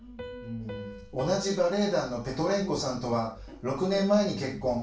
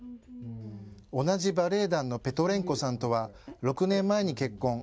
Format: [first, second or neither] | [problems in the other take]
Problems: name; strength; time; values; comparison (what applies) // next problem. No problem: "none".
second | background sound (Piano); 18 dB below the speech // room echo; dies away in 0.3 s